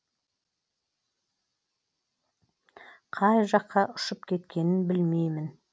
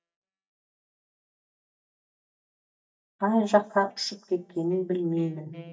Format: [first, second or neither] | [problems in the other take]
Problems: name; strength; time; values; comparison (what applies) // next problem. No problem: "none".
first | noise reduction (neural mask model DeepFilterNet 3)